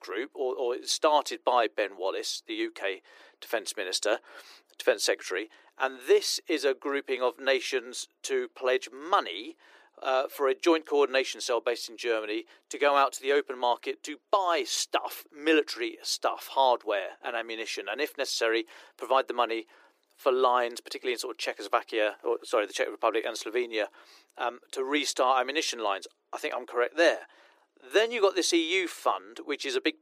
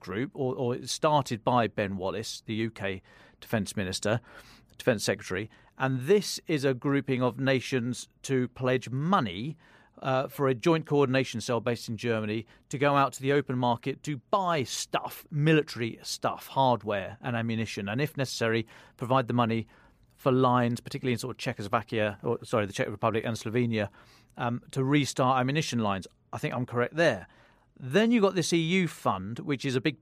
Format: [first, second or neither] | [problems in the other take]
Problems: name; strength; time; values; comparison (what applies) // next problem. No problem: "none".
second | thin; very; fading below 300 Hz